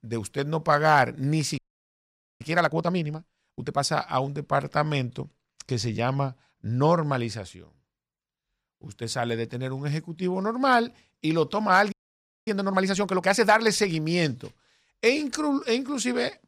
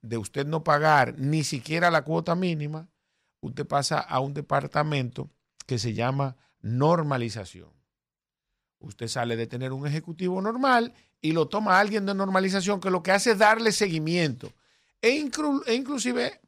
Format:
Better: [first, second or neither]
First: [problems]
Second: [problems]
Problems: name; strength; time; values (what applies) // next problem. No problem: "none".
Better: second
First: audio freezing; at 1.5 s for 1 s and at 12 s for 0.5 s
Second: none